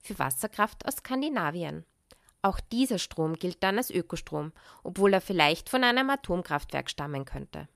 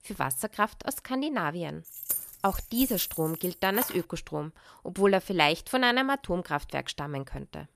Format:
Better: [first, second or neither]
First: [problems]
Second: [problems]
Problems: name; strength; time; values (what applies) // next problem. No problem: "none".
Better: first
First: none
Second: jangling keys; noticeable; from 2 to 4 s; peak 2 dB below the speech